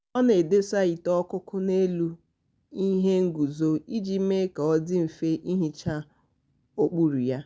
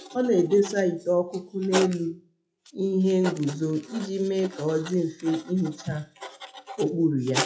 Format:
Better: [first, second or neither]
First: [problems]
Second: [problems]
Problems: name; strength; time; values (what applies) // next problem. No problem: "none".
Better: first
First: none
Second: noise reduction (classical method WPE with log-MMSE)